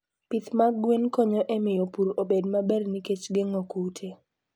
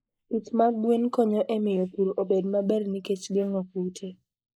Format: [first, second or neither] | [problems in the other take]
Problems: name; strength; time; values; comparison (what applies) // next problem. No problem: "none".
first | noise reduction (neural mask model Resemble Enhance denoiser)